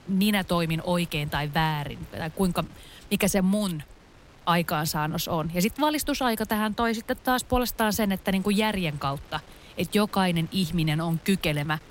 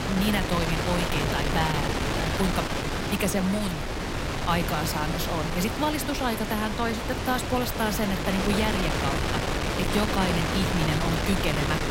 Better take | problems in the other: first | wind noise on the microphone; heavy; 1 dB above the speech; occasional gusts in the first

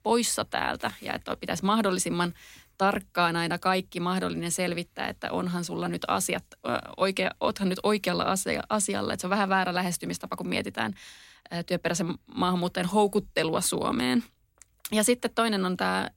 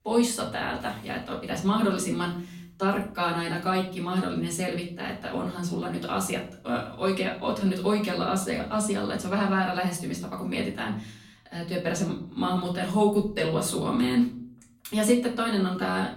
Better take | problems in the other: first | off-mic speech; far // room echo; slight; dies away in 0.6 s

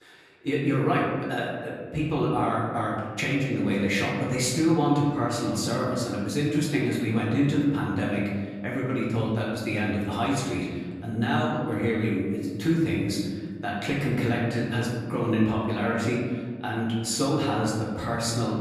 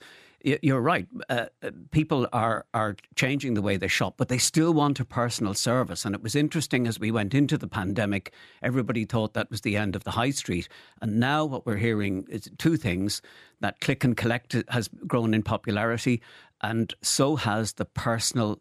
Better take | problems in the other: second | room echo; noticeable; dies away in 1.6 s // off-mic speech; far

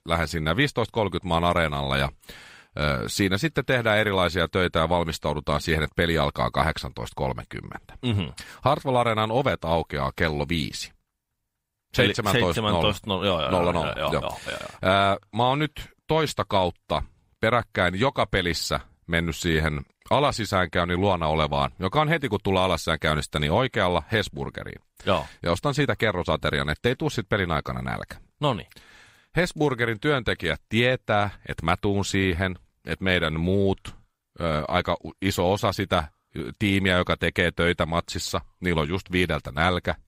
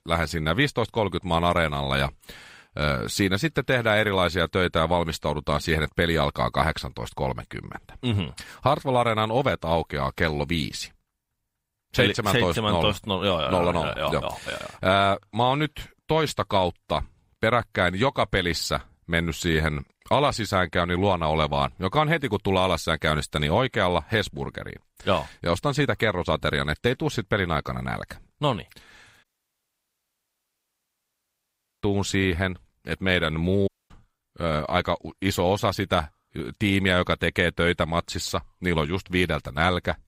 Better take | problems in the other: first | audio cutting out; at 29 s for 2.5 s and at 34 s

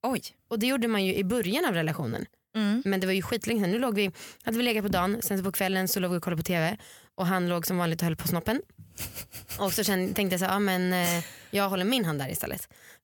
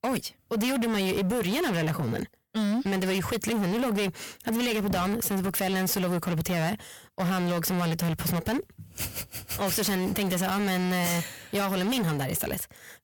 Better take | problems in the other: first | distortion; heavy; 28% of the sound clipped

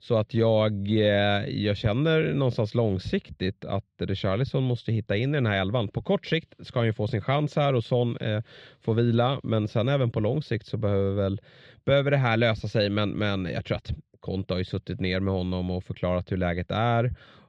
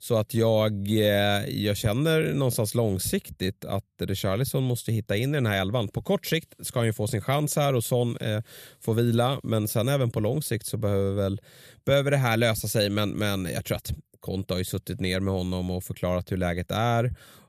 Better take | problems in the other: second | muffled; very slightly; fading above 4 kHz

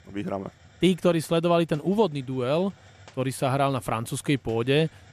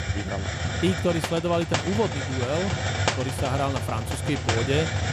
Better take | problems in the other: first | hiss; loud; throughout; as loud as the speech; faint in the first

